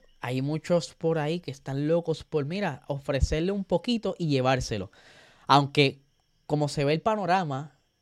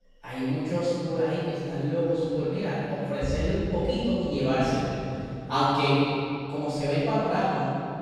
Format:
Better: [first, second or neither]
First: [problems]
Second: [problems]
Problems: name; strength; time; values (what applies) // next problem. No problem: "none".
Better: first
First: none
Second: off-mic speech; far // room echo; strong; dies away in 2.5 s